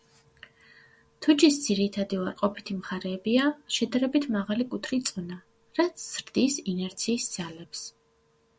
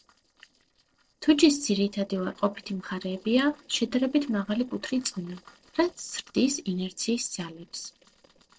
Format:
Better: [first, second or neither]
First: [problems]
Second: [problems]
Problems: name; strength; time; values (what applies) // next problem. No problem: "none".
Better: first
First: none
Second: noise reduction (neural separator model SepFormer DNS4)